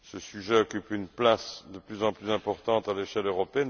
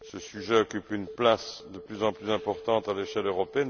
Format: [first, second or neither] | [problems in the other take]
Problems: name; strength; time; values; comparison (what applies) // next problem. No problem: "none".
first | background sound (Telephone); 17 dB below the speech